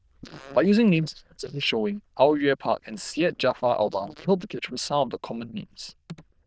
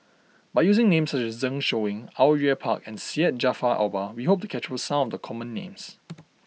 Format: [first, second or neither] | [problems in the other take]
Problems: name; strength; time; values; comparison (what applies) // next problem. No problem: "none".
second | noise reduction (neural diffusion model UNIVERSE++)